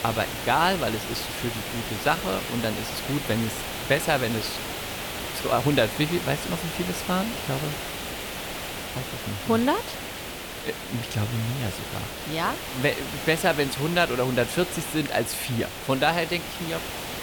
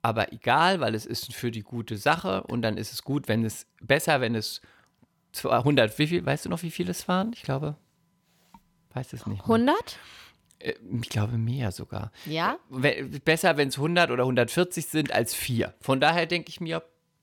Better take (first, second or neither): second